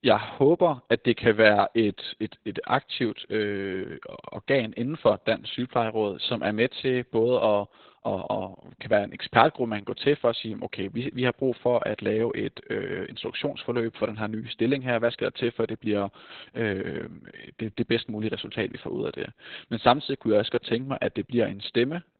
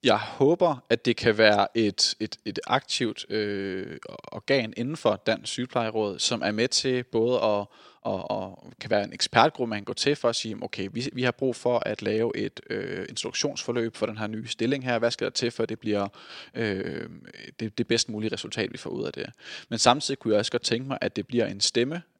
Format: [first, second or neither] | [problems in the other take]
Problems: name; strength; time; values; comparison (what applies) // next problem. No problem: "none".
second | garbled, watery; badly; nothing above 4 kHz